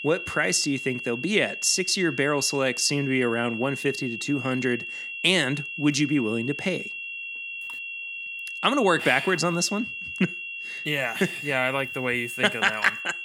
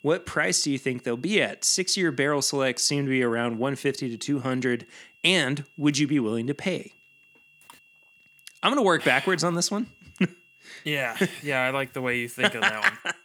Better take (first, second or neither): second